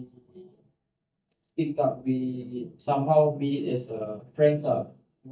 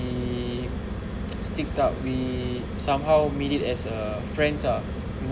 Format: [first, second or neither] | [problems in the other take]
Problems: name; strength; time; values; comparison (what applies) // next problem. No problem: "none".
second | noise reduction (neural mask model DeepFilterNet 3)